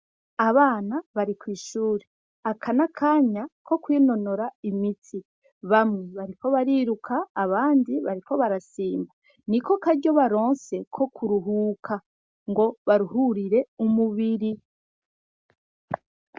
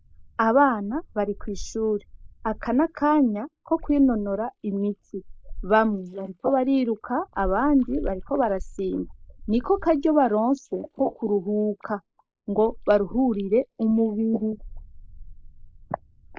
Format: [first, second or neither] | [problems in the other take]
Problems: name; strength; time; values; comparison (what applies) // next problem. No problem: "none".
first | noise reduction (neural mask model Resemble Enhance denoiser)